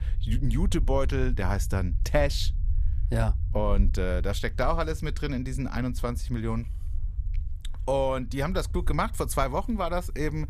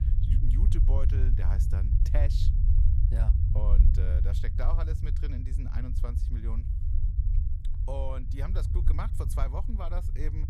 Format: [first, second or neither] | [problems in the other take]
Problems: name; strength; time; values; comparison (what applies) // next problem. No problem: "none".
first | low rumble; loud; throughout; 4 dB below the speech; faint in the first